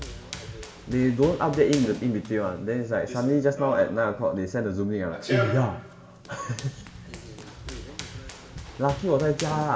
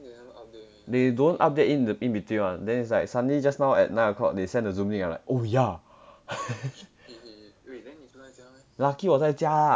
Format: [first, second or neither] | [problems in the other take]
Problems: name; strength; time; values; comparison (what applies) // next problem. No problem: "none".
second | background sound (Run); 11 dB below the speech // room echo; dies away in 1.2 s